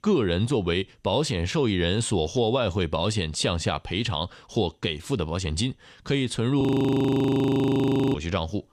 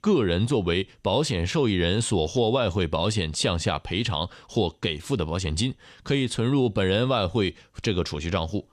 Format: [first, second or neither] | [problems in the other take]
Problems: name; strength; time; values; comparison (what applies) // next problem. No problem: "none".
second | audio freezing; at 6.5 s for 1.5 s